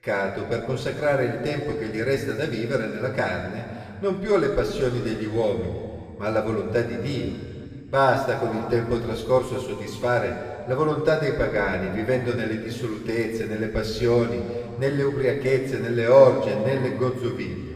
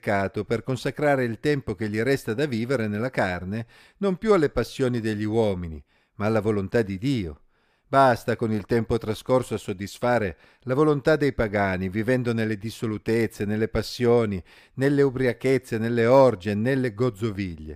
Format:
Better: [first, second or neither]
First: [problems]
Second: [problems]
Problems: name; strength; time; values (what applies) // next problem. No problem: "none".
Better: second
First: room echo; noticeable; dies away in 2.1 s // off-mic speech; somewhat distant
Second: none